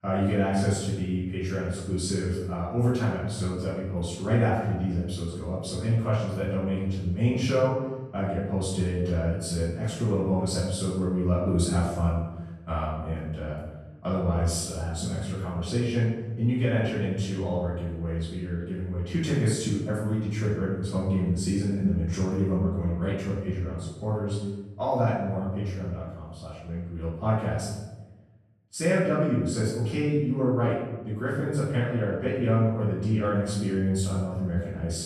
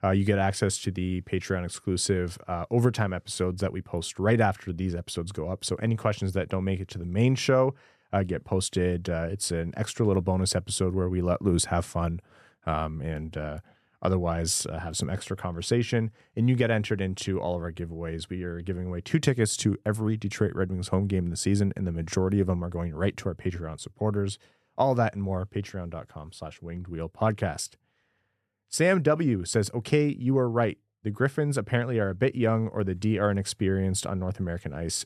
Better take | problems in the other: second | off-mic speech; far // room echo; strong; dies away in 1 s

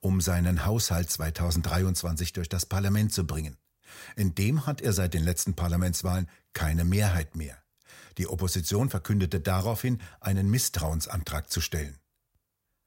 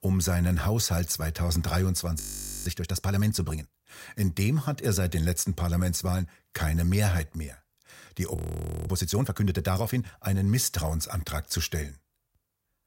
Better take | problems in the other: first | audio freezing; at 2 s and at 8.5 s for 0.5 s

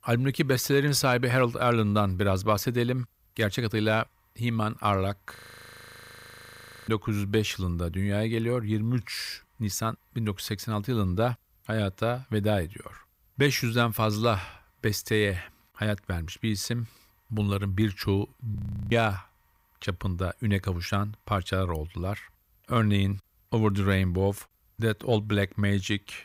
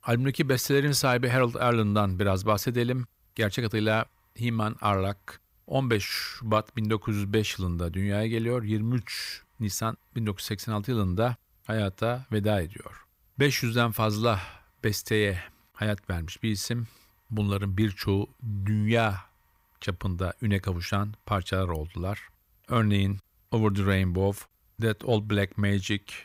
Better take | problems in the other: second | audio freezing; at 5.5 s for 1.5 s and at 19 s

